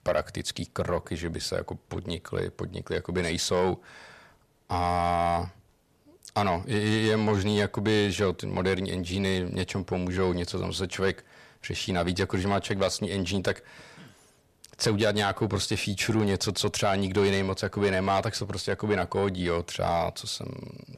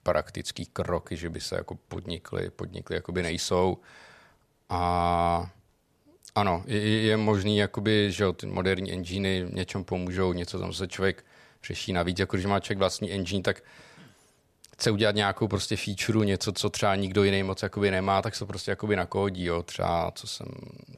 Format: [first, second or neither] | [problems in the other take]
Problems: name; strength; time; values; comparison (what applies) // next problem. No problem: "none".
second | distortion; slight; 10 dB below the speech